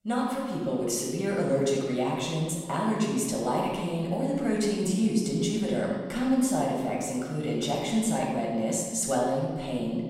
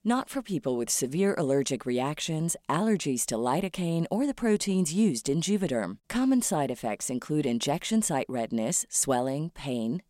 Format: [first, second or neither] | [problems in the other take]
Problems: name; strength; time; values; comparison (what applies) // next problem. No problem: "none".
second | off-mic speech; far // room echo; noticeable; dies away in 1.4 s